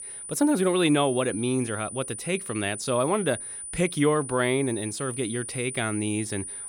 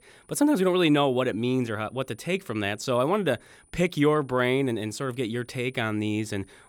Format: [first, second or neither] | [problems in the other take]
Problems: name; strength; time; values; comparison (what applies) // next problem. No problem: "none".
second | high-pitched whine; loud; throughout; 9.5 kHz, 8 dB below the speech; faint in the second